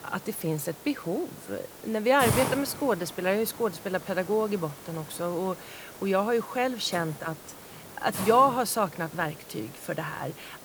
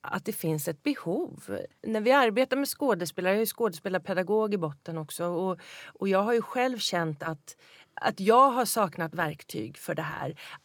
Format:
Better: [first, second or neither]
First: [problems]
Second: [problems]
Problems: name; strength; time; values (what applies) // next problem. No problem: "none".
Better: second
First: hiss; noticeable; throughout; 10 dB below the speech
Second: none